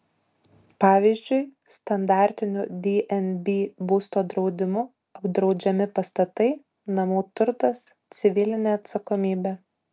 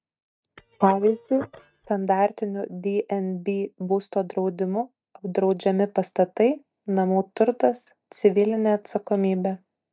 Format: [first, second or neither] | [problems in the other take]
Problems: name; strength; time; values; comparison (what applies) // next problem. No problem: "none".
first | noise reduction (neural mask model DeepFilterNet 3)